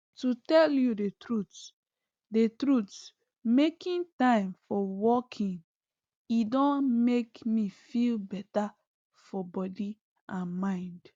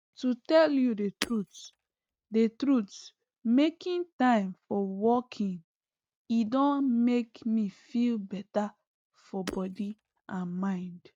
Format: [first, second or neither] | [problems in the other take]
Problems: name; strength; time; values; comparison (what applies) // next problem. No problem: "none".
first | noise reduction (neural mask model RNNoise)